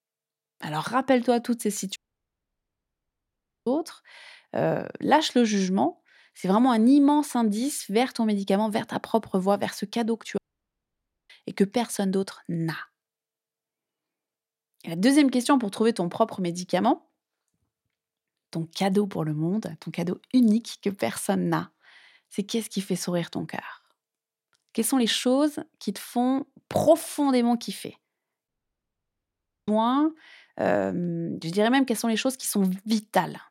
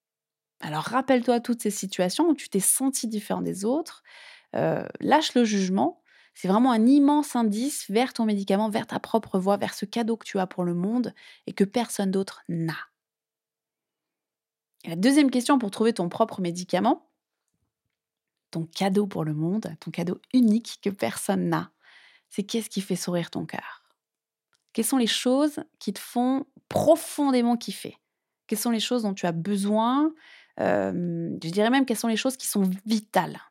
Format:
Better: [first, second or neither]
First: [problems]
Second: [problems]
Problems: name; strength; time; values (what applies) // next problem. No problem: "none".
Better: second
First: audio cutting out; at 2 s for 1.5 s, at 10 s for 1 s and at 28 s for 1 s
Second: none